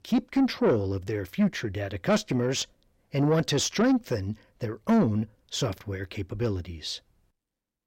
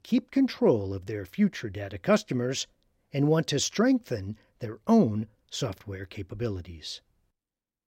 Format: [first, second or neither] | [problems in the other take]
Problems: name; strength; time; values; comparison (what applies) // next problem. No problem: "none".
second | distortion; slight; 10 dB below the speech